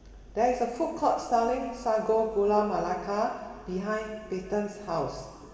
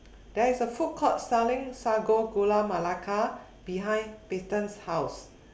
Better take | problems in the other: second | room echo; dies away in 2.5 s

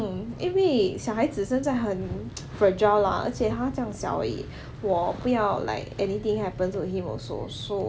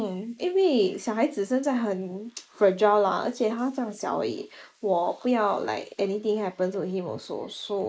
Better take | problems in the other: first | noise reduction (neural mask model Resemble Enhance denoiser)

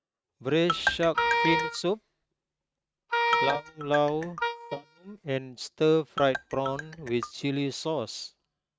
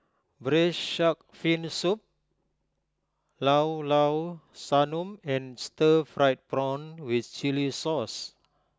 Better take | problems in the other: second | noise reduction (neural mask model RNNoise)

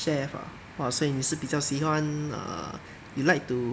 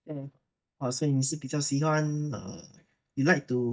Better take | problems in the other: first | noise reduction (neural mask model DeepFilterNet 3)

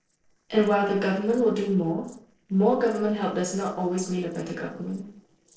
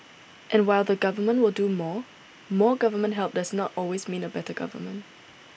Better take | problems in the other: second | noise reduction (neural separator model SepFormer DNS4)

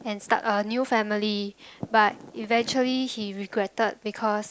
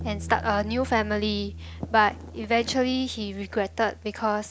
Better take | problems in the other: first | background sound (Bass guitar); 13 dB below the speech

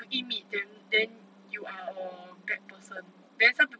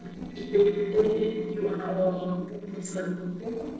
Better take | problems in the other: first | noise reduction (neural separator model SepFormer DNS4)

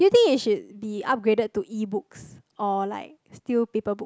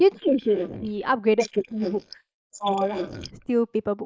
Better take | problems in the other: first | noise reduction (neural mask model Resemble Enhance denoiser)

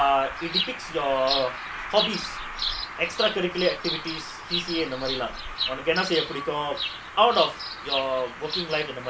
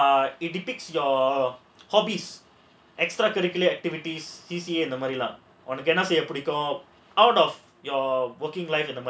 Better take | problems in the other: second | background sound (Bird vocalization, bird call, bird song); 5 dB below the speech

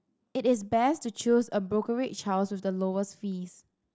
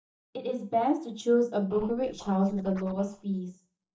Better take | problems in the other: first | noise reduction (neural mask model DeepFilterNet 3)

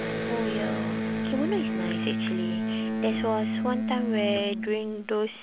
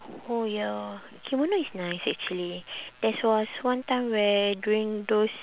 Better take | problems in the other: second | background sound (Electric guitar); 2 dB above the speech

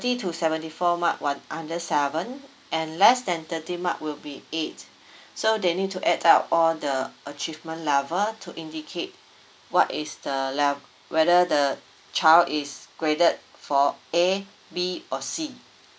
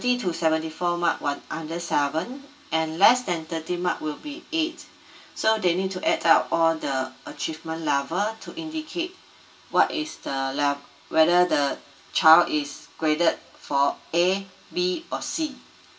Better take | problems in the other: first | room echo; dies away in 0.2 s

